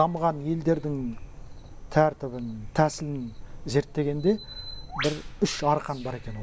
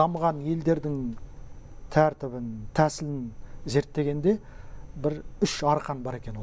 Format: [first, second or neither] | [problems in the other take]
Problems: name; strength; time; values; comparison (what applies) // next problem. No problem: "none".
second | background sound (Bird); 17 dB below the speech